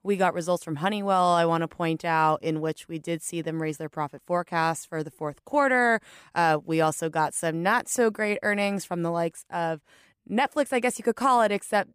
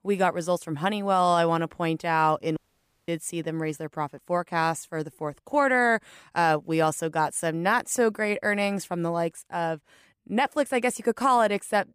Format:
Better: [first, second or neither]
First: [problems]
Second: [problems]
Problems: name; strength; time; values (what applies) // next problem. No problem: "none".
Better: first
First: none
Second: audio cutting out; at 2.5 s for 0.5 s